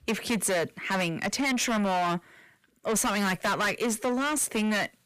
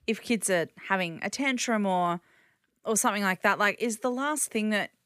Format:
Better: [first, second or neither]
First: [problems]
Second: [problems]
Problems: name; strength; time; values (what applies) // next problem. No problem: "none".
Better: second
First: distortion; heavy; 6 dB below the speech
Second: none